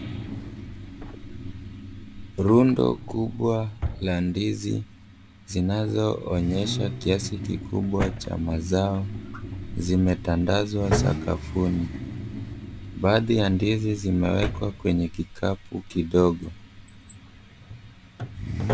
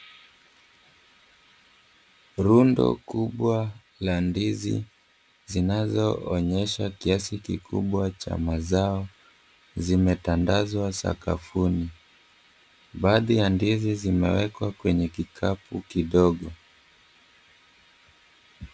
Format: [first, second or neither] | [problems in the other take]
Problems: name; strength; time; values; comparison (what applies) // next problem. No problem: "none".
second | background sound (Drawer open or close + Idling / Accelerating, revving, vroom / Car); 7 dB below the speech